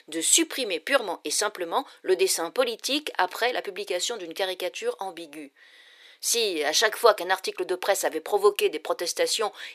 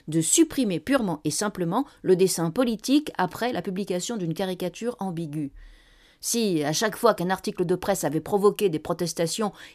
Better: second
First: thin; very; fading below 450 Hz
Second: none

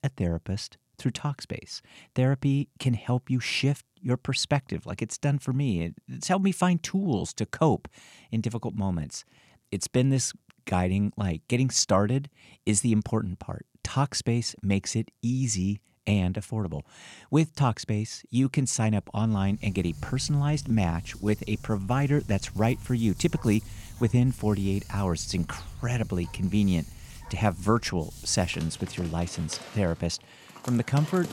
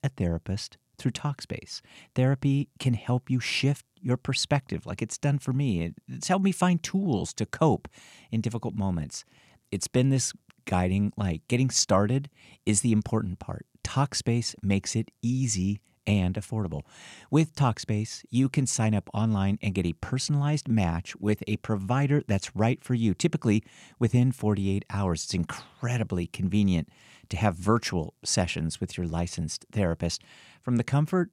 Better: second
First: animal sounds; noticeable; from 19 s on; 15 dB below the speech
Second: none

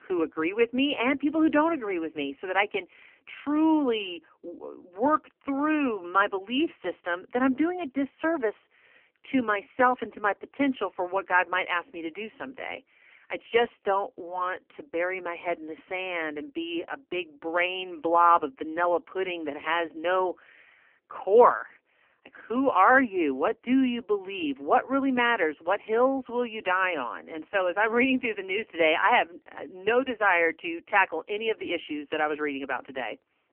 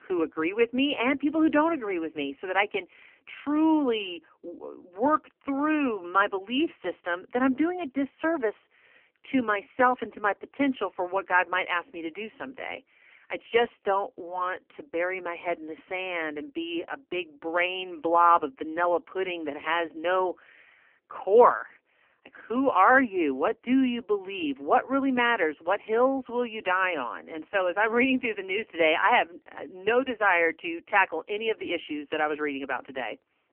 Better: neither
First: phone-call audio; poor line; nothing above 3 kHz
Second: phone-call audio; poor line; nothing above 3 kHz

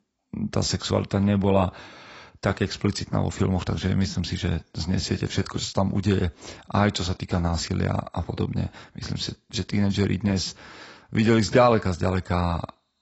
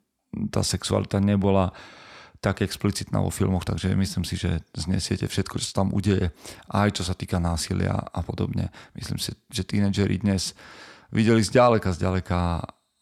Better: second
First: garbled, watery; badly; nothing above 7.5 kHz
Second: none

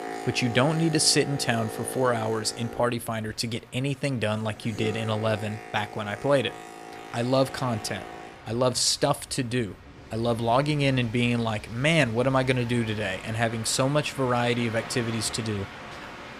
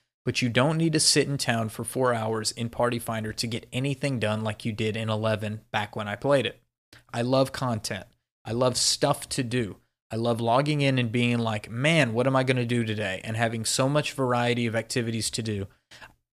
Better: second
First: train or aircraft noise; noticeable; throughout; 15 dB below the speech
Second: none

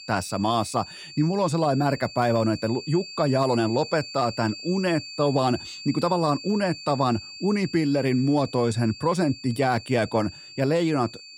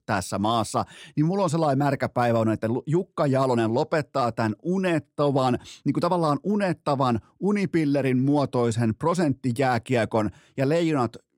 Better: second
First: high-pitched whine; noticeable; throughout; 4.5 kHz, 15 dB below the speech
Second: none

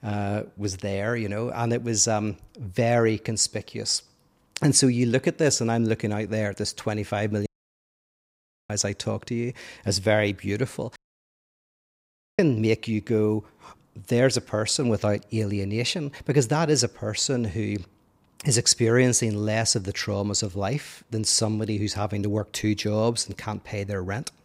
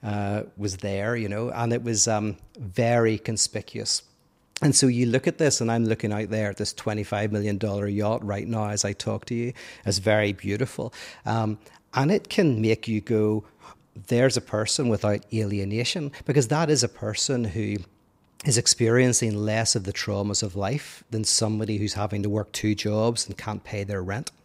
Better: second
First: audio cutting out; at 7.5 s for 1 s and at 11 s for 1.5 s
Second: none

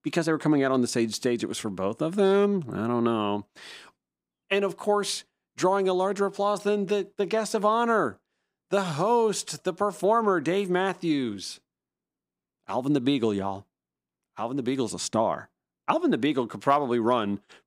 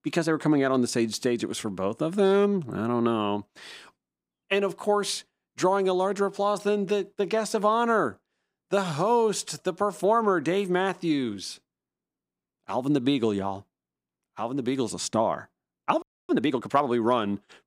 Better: first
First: none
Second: audio freezing; at 16 s

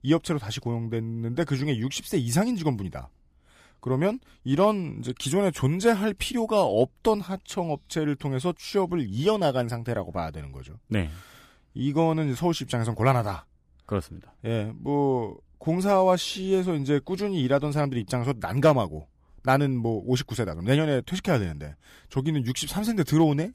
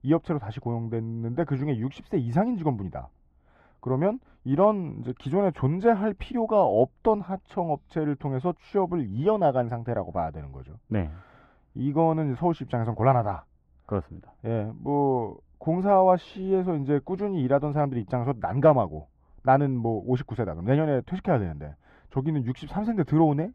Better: first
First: none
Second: muffled; very; fading above 3.5 kHz

